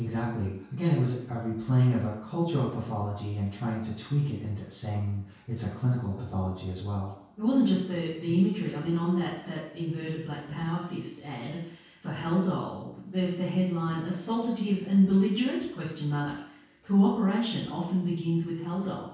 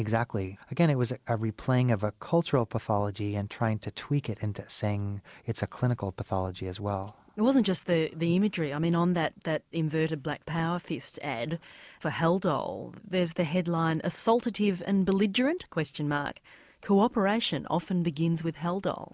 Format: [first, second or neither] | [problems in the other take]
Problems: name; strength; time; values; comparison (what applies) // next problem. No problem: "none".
second | room echo; dies away in 0.6 s